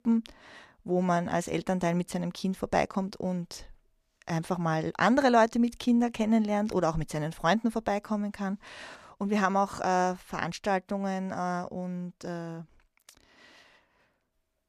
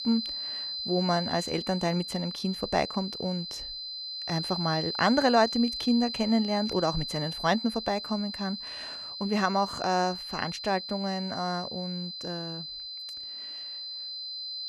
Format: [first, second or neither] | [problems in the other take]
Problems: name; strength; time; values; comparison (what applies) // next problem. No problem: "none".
first | high-pitched whine; loud; throughout; 4 kHz, 5 dB below the speech